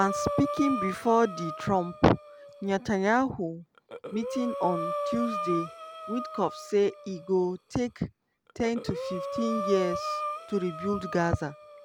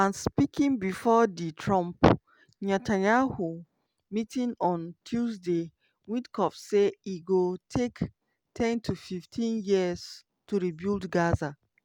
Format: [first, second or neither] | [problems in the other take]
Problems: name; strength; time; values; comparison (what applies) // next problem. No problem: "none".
second | background sound (Breathing); 7 dB below the speech